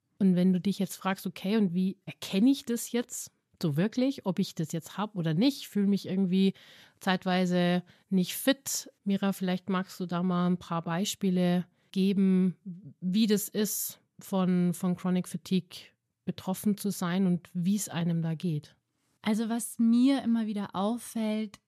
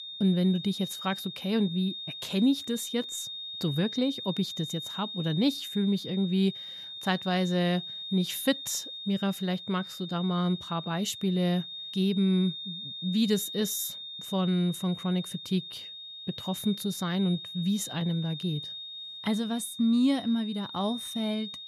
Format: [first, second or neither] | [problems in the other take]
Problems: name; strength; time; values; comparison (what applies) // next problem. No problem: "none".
first | high-pitched whine; loud; throughout; 3.5 kHz, 8 dB below the speech